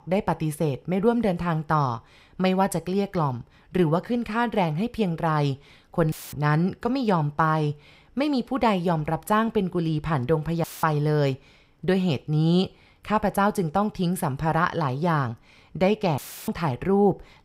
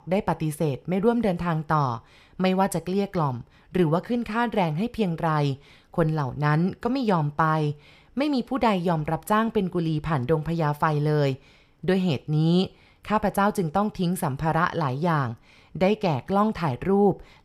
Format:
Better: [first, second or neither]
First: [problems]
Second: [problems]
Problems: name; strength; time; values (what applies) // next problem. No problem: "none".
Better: second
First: audio cutting out; filled with static; at 6 s, at 11 s and at 16 s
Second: none